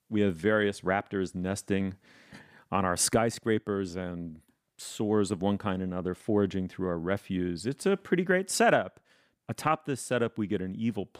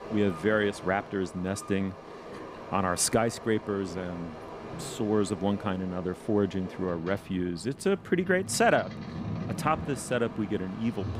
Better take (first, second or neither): first